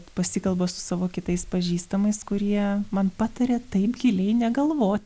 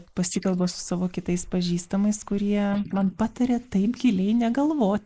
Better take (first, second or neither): first